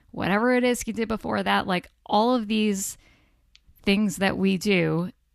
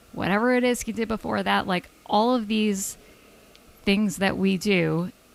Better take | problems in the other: first | hiss; faint; throughout; 30 dB below the speech

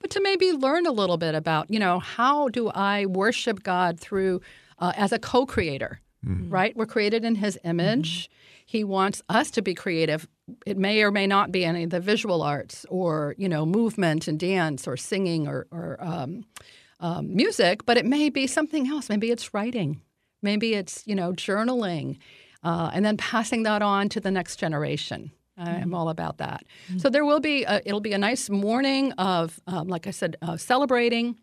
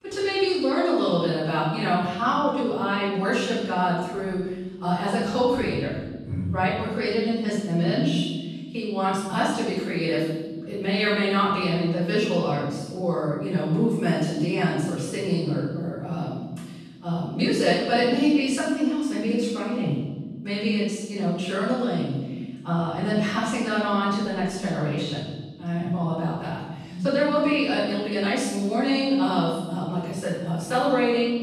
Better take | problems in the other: first | off-mic speech; far // room echo; strong; dies away in 1.3 s

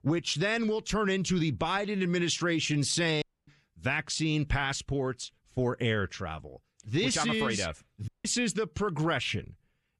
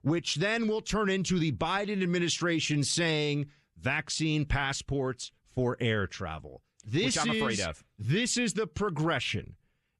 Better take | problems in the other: second | audio cutting out; at 3 s and at 8 s

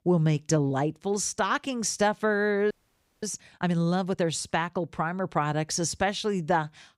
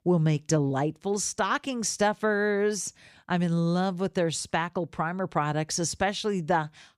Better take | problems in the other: second | audio freezing; at 2.5 s for 0.5 s

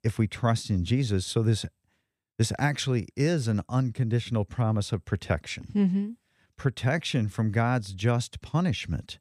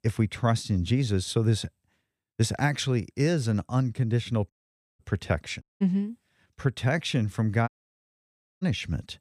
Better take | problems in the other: first | audio cutting out; at 4.5 s, at 5.5 s and at 7.5 s for 1 s

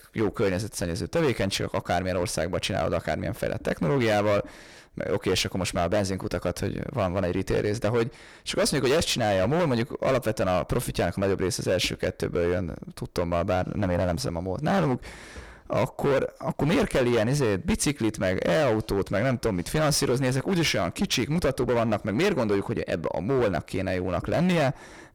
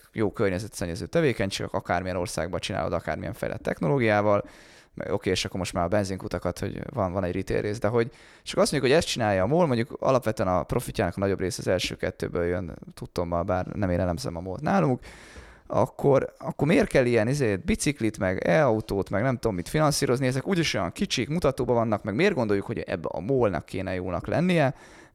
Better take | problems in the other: second | distortion; heavy; 12% of the sound clipped

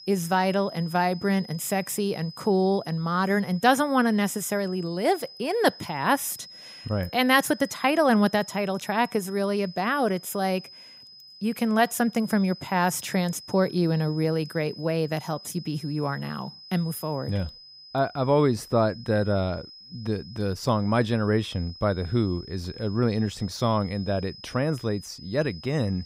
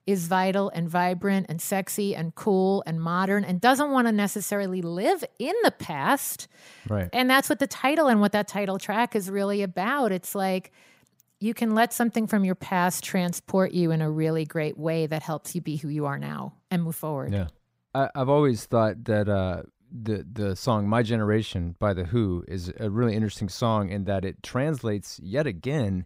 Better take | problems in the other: second | high-pitched whine; noticeable; throughout; 5 kHz, 20 dB below the speech

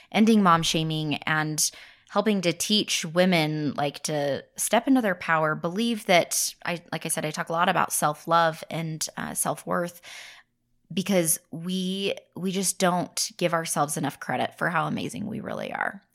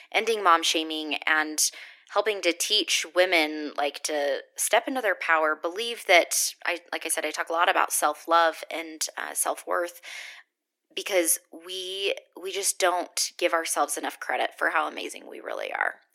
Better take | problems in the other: first | thin; very; fading below 300 Hz

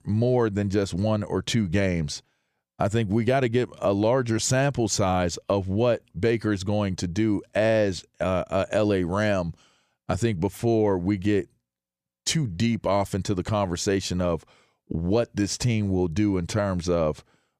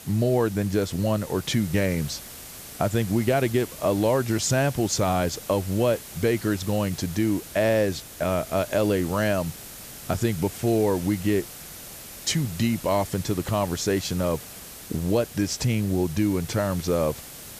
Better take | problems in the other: first | hiss; noticeable; throughout; 15 dB below the speech

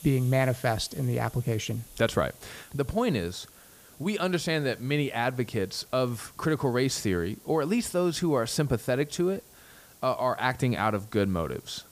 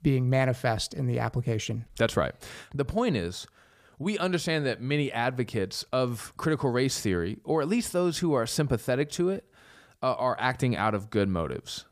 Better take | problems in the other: second | hiss; faint; throughout; 20 dB below the speech

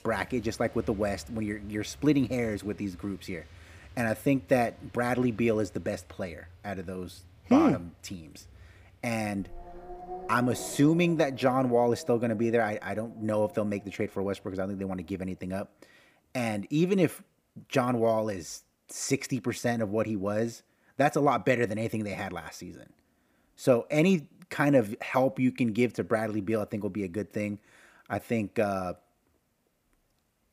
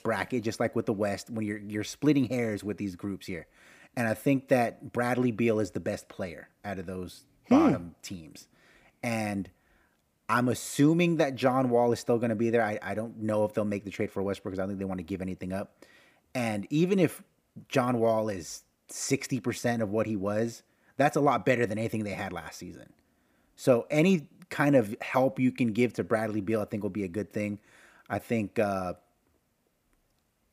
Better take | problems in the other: second | traffic noise; faint; until 15 s; 20 dB below the speech

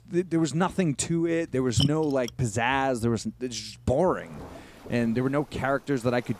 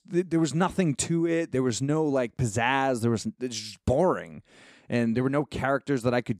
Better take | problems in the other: second | rain or running water; loud; throughout; 7 dB below the speech

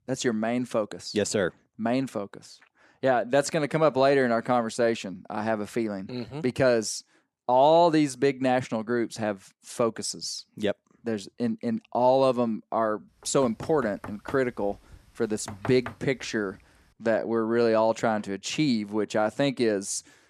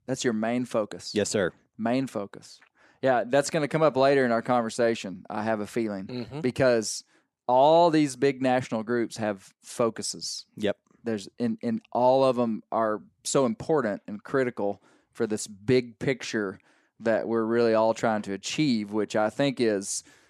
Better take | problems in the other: second | door banging; faint; from 13 to 16 s; peak 10 dB below the speech

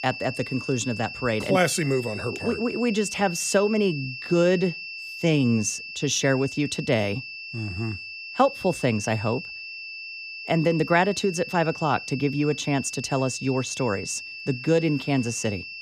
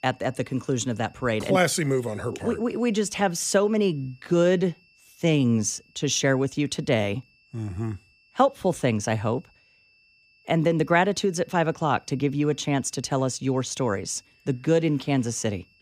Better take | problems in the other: second | high-pitched whine; loud; throughout; 2.5 kHz, 10 dB below the speech; faint in the second

